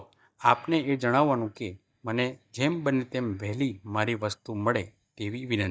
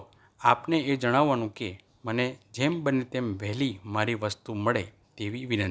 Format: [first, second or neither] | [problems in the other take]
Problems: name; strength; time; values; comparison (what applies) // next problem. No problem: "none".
second | noise reduction (neural mask model DeepFilterNet 3)